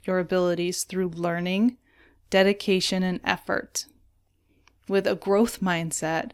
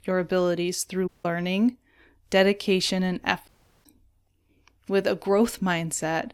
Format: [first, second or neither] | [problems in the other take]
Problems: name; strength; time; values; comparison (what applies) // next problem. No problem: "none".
first | audio cutting out; at 1 s and at 3.5 s